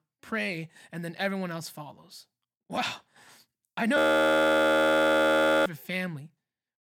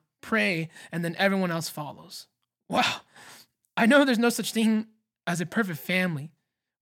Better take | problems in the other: second | audio freezing; at 4 s for 1.5 s

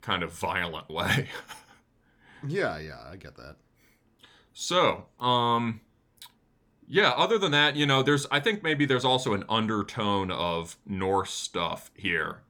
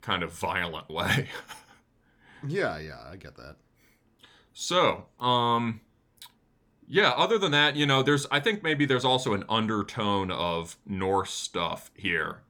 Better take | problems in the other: neither | none

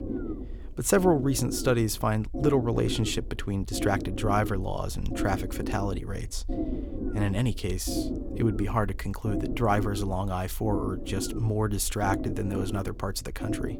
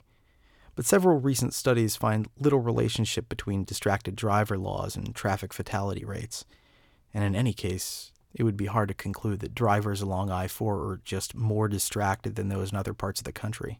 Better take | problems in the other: second | low rumble; loud; throughout; 8 dB below the speech

